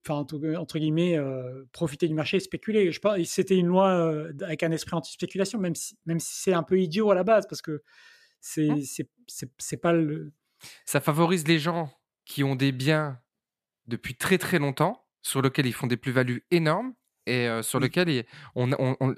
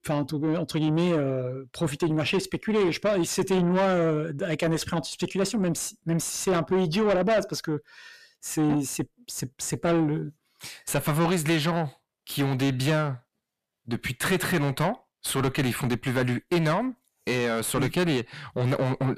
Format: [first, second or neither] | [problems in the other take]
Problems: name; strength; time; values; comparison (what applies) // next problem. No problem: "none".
first | distortion; heavy; 7 dB below the speech